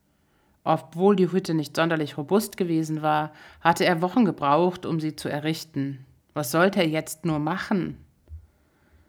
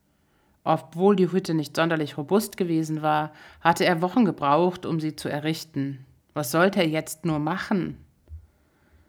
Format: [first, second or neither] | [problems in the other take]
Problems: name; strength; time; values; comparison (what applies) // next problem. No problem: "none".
neither | none